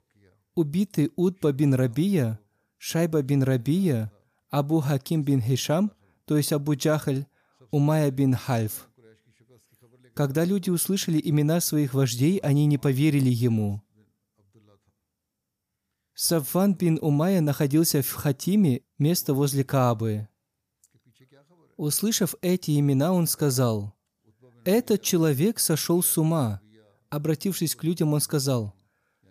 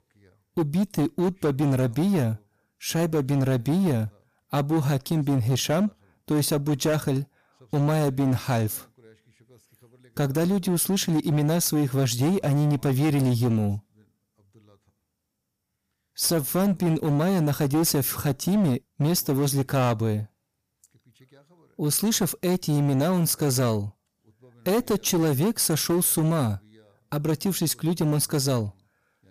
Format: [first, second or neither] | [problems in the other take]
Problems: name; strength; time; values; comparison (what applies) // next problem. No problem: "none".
first | distortion; slight; 13% of the sound clipped